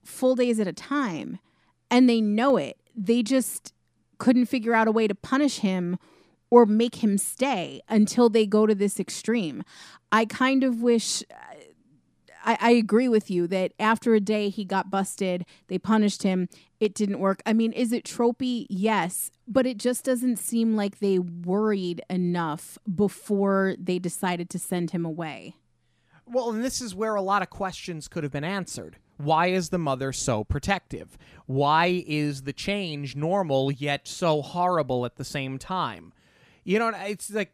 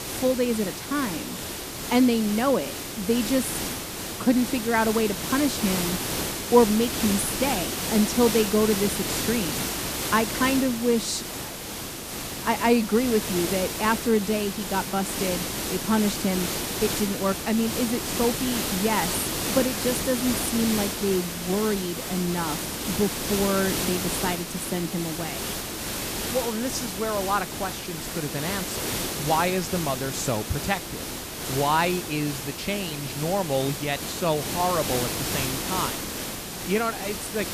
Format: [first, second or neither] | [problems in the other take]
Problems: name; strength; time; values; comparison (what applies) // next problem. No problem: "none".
first | hiss; loud; throughout; 3 dB below the speech